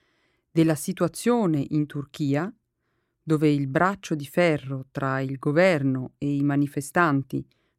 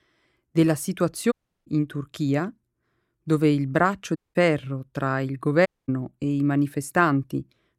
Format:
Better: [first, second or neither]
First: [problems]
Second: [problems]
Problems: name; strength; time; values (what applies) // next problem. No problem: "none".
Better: first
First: none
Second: audio cutting out; at 1.5 s, at 4 s and at 5.5 s